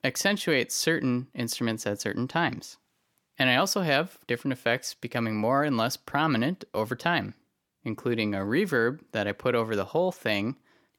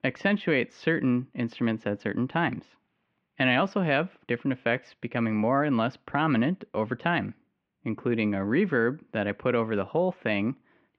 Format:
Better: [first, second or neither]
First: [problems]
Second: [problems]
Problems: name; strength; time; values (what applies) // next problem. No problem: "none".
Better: first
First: none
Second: muffled; very; fading above 2.5 kHz